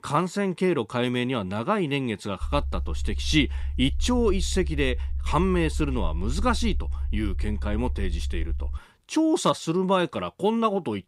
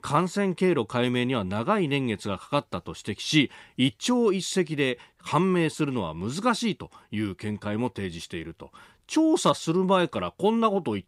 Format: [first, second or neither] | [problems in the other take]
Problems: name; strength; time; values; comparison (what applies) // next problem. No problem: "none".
second | low rumble; faint; from 2.5 to 9 s; 25 dB below the speech